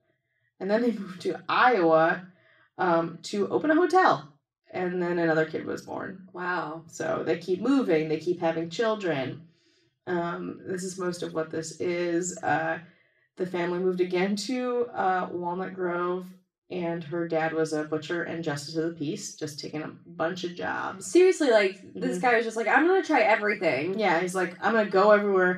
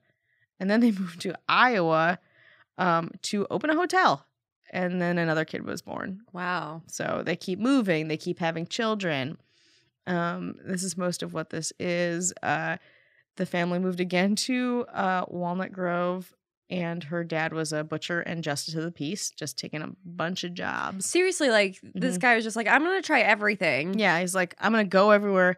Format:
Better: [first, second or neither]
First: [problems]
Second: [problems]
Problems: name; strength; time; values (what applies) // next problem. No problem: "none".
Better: second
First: room echo; slight; dies away in 0.3 s // off-mic speech; far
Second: none